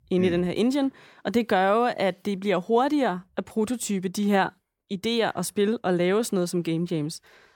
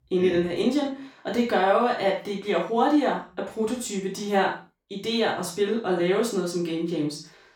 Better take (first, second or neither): first